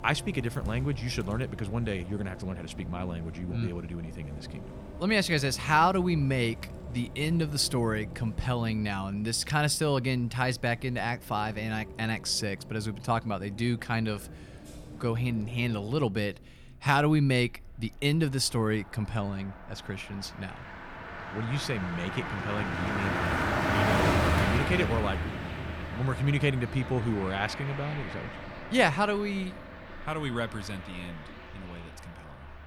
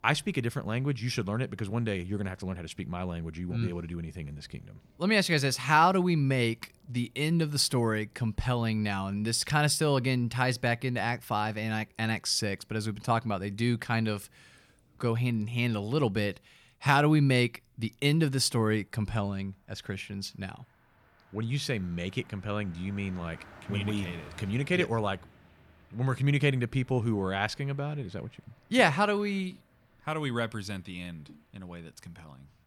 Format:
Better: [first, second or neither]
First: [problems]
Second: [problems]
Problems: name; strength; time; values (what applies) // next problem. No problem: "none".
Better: second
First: traffic noise; loud; throughout; 6 dB below the speech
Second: traffic noise; faint; throughout; 30 dB below the speech